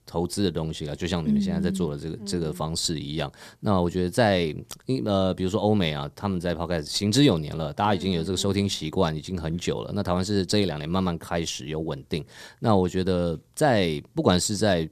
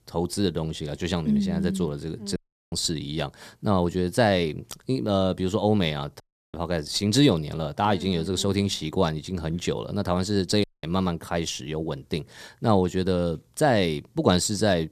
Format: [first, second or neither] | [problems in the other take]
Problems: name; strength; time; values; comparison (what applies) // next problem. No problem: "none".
first | audio cutting out; at 2.5 s, at 6 s and at 11 s